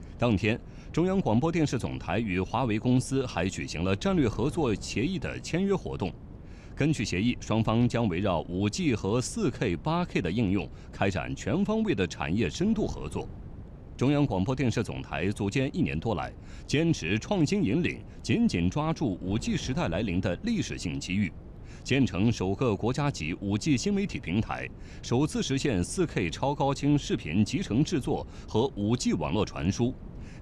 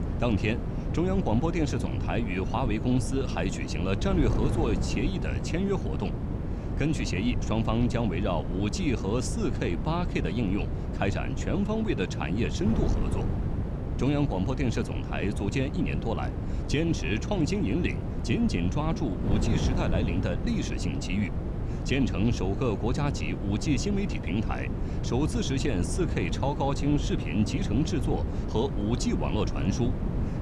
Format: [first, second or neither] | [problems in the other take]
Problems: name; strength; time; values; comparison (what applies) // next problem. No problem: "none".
first | wind noise on the microphone; heavy; 7 dB below the speech; occasional gusts in the first